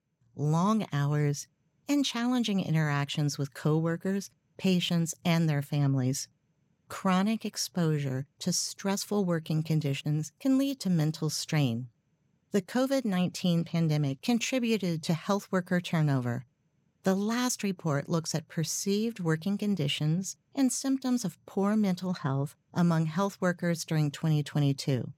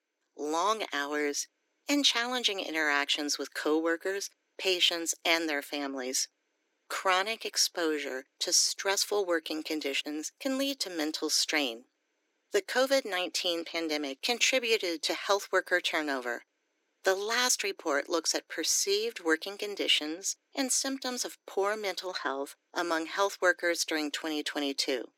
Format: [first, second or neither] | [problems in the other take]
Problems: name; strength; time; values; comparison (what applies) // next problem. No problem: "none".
first | thin; very; fading below 300 Hz